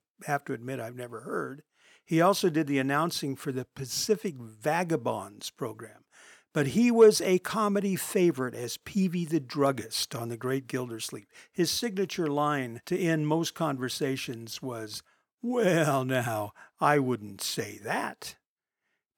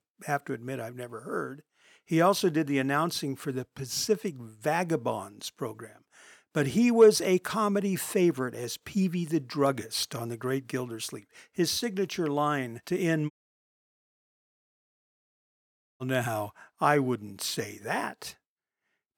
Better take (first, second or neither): first